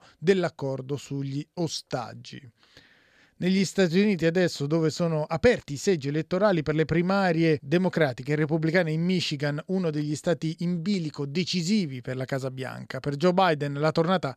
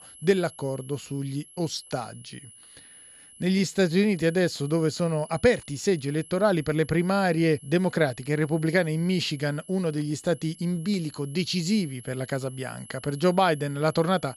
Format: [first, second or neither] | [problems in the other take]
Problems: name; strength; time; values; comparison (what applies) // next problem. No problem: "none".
first | high-pitched whine; faint; throughout; 11 kHz, 20 dB below the speech